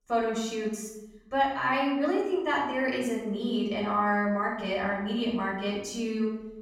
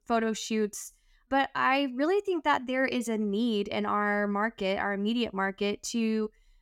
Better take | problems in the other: second | off-mic speech; far // room echo; noticeable; dies away in 0.8 s

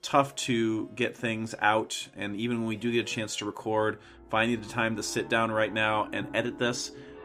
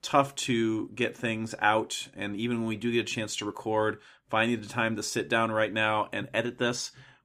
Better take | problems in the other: second | background music; noticeable; throughout; 20 dB below the speech

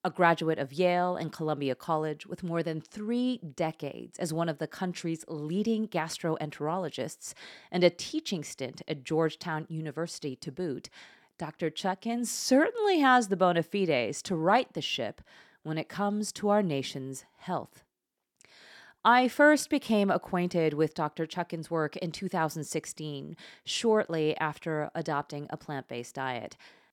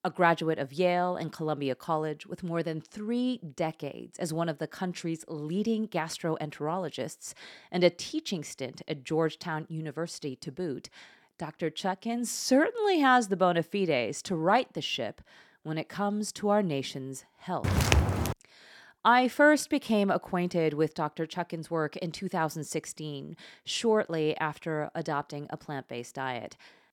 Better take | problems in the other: first | footsteps; loud; at 18 s; peak 5 dB above the speech

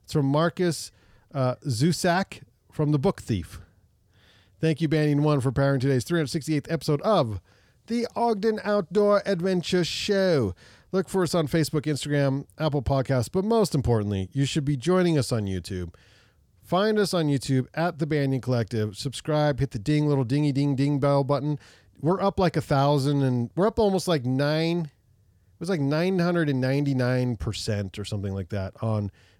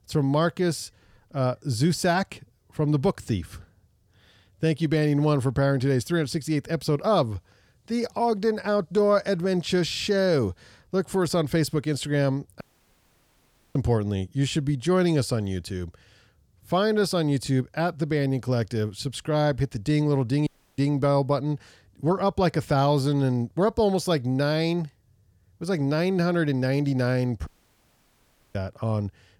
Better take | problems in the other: first | audio cutting out; at 13 s for 1 s, at 20 s and at 27 s for 1 s

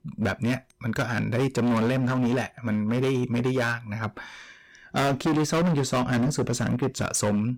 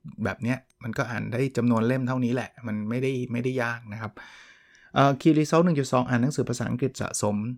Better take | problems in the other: second | distortion; heavy; 19% of the sound clipped

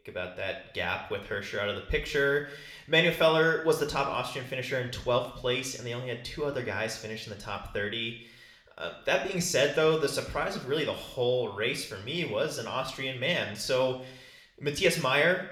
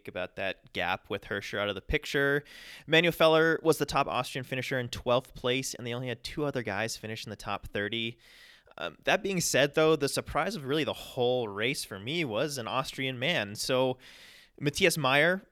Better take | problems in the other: second | room echo; slight; dies away in 0.6 s

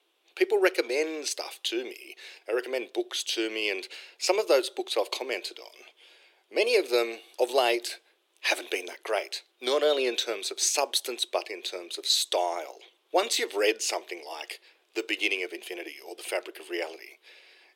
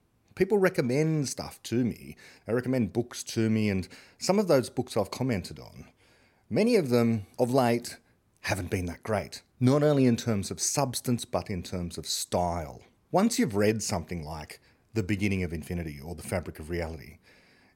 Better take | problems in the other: second | thin; very; fading below 350 Hz

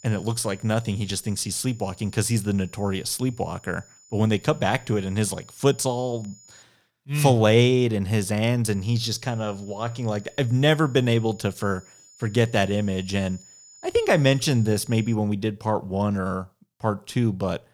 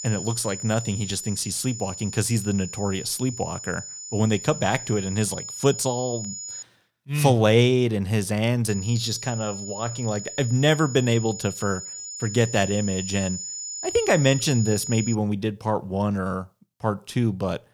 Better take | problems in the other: first | high-pitched whine; loud; until 6.5 s and from 8.5 to 15 s; 7 kHz, 9 dB below the speech; faint in the first

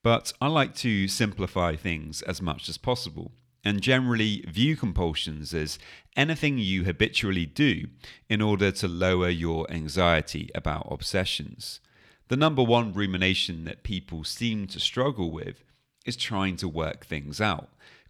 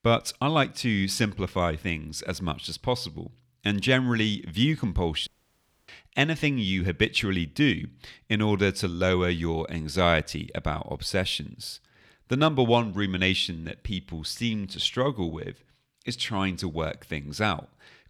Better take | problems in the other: first | audio cutting out; at 5.5 s for 0.5 s

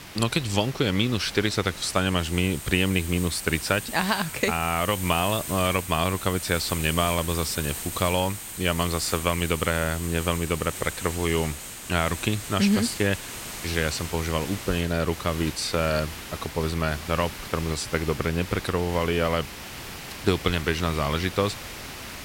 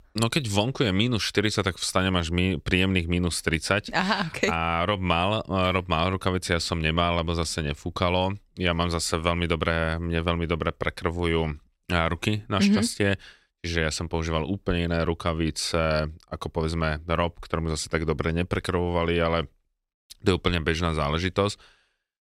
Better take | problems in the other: second | hiss; loud; throughout; 9 dB below the speech

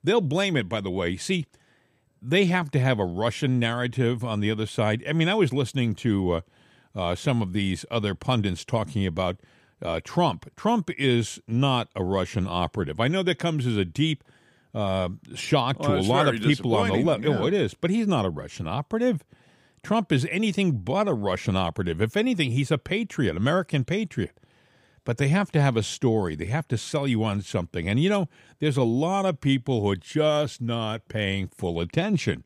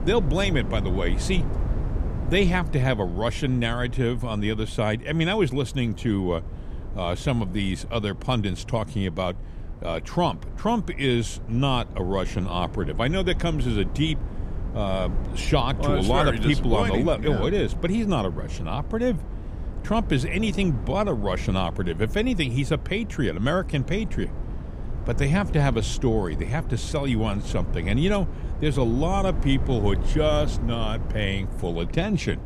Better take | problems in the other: first | low rumble; noticeable; throughout; 15 dB below the speech

